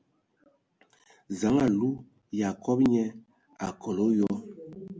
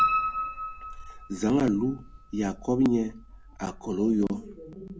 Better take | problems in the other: first | background sound (Piano); 6 dB below the speech

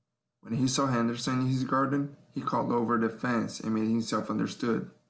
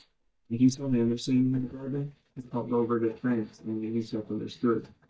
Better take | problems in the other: first | noise reduction (neural mask model DeepFilterNet 3)

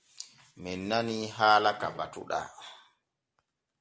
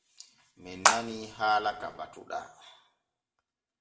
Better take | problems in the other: first | background sound (Water / Splash, splatter); 5 dB above the speech // room echo; dies away in 0.5 s

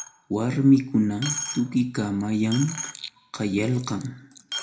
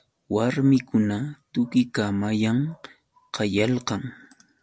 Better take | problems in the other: second | background sound (Coin (dropping)); 13 dB below the speech // room echo; dies away in 0.4 s

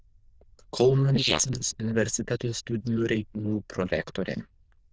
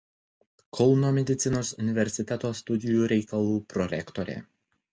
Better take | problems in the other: second | noise reduction (neural diffusion model UNIVERSE++)

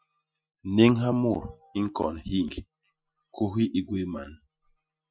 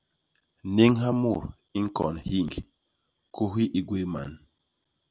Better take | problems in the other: second | noise reduction (classical method Wiener filter)

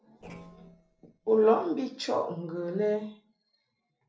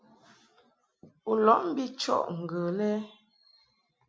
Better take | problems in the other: second | noise reduction (neural separator model SepFormer DNS4)

